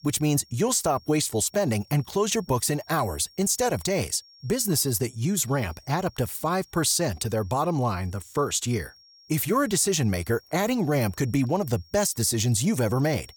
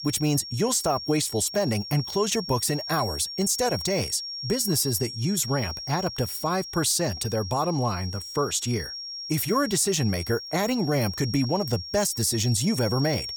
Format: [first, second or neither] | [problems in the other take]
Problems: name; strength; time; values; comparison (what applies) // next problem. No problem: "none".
first | high-pitched whine; loud; throughout; 5.5 kHz, 8 dB below the speech; faint in the first